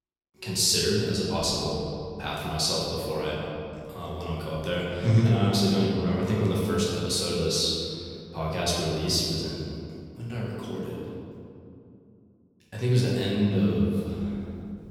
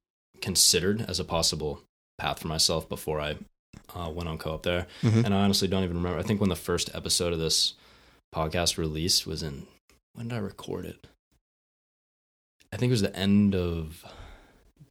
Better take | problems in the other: second | off-mic speech; far // room echo; strong; dies away in 2.4 s

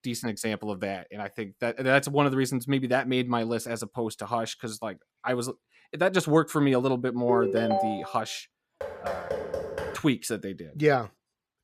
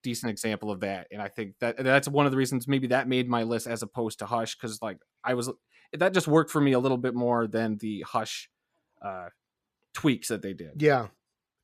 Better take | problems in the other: second | phone ringing; loud; at 7.5 s; peak 1 dB above the speech // door banging; noticeable; from 9 to 10 s; peak 5 dB below the speech

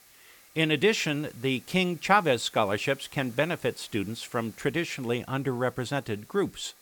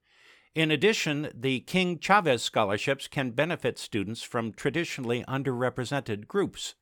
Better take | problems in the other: second | hiss; faint; throughout; 25 dB below the speech

